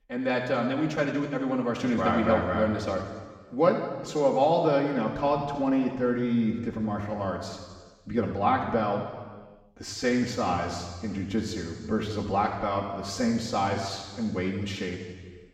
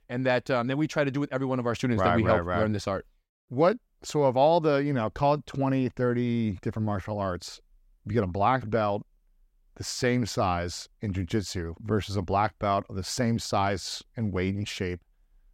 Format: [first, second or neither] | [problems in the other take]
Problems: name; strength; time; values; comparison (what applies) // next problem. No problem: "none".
second | room echo; noticeable; dies away in 1.5 s // off-mic speech; far